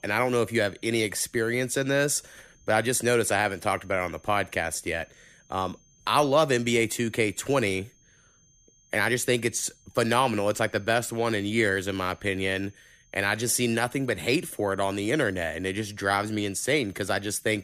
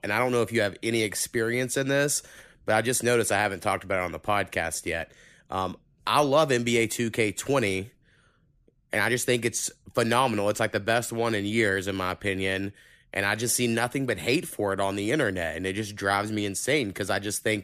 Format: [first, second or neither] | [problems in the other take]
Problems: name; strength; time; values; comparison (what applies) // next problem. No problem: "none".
second | high-pitched whine; faint; throughout; 6.5 kHz, 35 dB below the speech